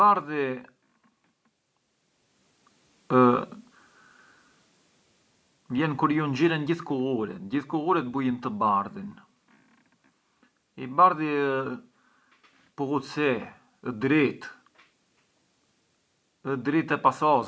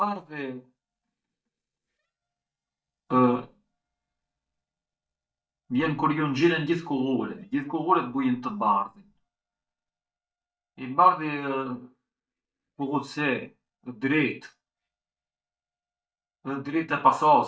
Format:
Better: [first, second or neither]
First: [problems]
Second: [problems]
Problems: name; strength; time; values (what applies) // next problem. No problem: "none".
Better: first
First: none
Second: noise reduction (neural mask model DeepFilterNet 3)